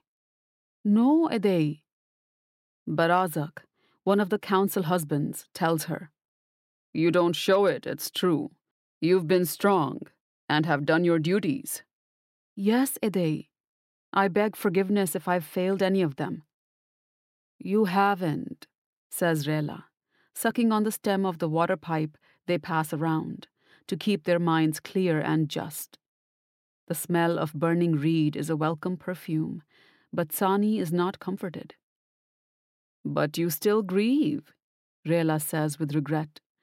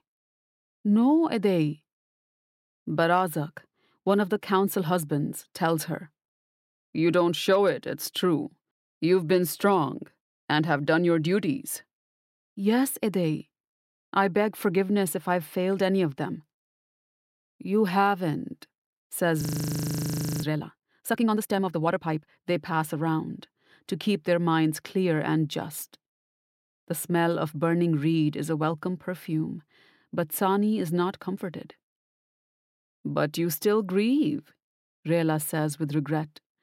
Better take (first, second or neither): first